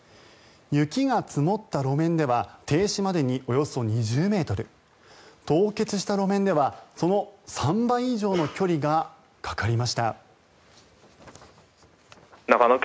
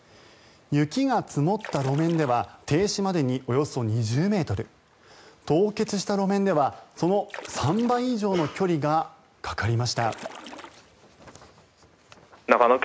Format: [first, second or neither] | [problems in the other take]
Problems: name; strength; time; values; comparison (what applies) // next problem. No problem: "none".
first | background sound (Splash, splatter); 16 dB below the speech